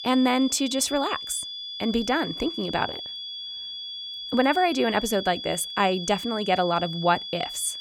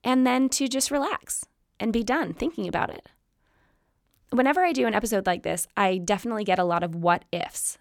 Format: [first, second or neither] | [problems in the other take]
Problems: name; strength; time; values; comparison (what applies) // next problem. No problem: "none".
second | high-pitched whine; loud; throughout; 3.5 kHz, 8 dB below the speech